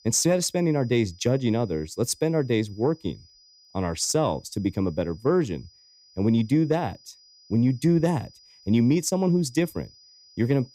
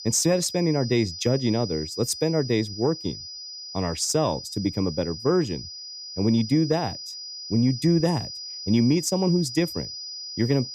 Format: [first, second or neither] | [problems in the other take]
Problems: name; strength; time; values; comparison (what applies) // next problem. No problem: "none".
first | high-pitched whine; loud; throughout; 5 kHz, 10 dB below the speech; faint in the first